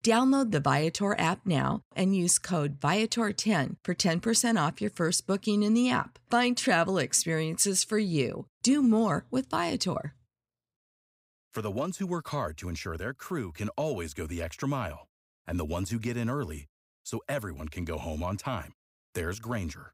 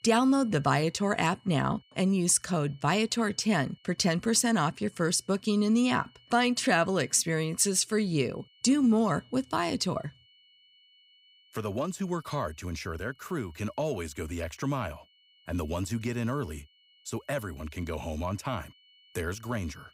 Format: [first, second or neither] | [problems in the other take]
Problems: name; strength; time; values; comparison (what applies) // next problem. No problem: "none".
first | high-pitched whine; faint; throughout; 3 kHz, 30 dB below the speech